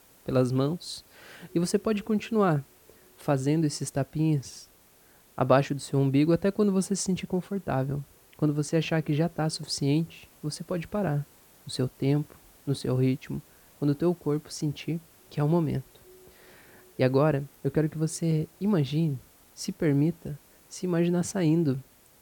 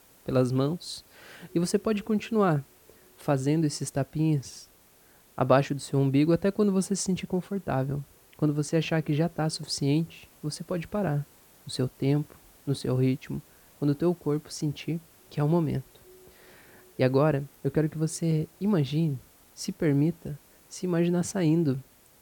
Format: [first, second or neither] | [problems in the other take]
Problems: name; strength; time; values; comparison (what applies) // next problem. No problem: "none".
neither | hiss; faint; throughout; 30 dB below the speech; the same in both